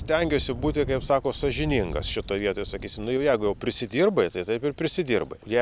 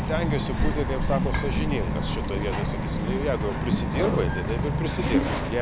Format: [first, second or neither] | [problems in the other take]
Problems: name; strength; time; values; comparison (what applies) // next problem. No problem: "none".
first | background sound (Bird vocalization, bird call, bird song); 4 dB above the speech